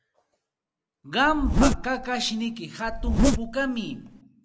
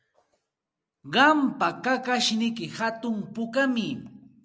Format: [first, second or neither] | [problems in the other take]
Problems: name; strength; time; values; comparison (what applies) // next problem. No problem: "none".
second | background sound (Zipper (clothing)); 4 dB above the speech